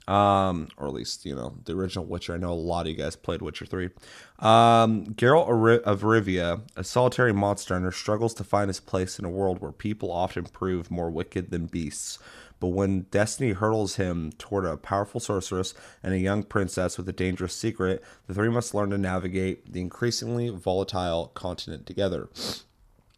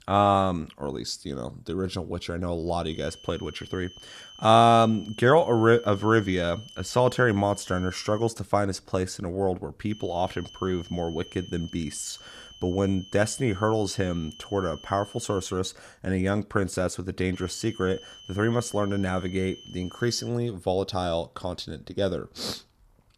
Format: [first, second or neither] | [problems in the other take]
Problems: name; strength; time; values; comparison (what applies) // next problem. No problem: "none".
first | high-pitched whine; noticeable; from 3 to 8.5 s, from 10 to 16 s and from 17 to 20 s; 3 kHz, 20 dB below the speech